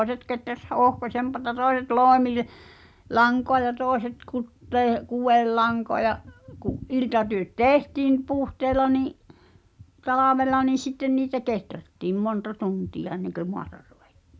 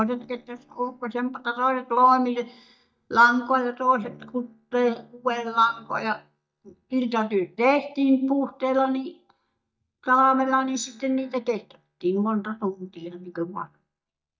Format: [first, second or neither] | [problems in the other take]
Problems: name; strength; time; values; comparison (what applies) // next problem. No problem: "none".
first | noise reduction (neural mask model DeepFilterNet 3)